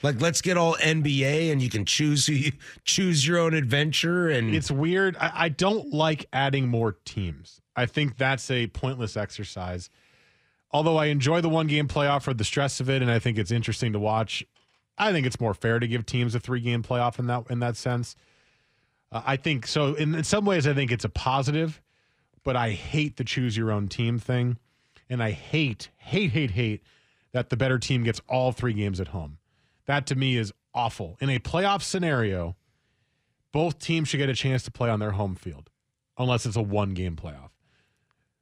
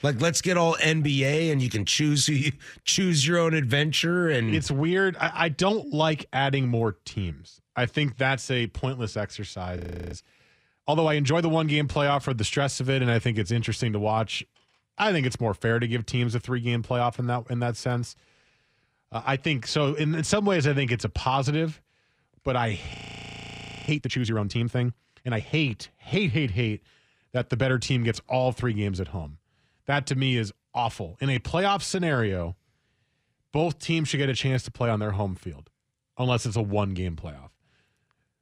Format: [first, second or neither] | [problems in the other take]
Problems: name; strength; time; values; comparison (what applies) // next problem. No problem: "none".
first | audio freezing; at 10 s and at 23 s for 1 s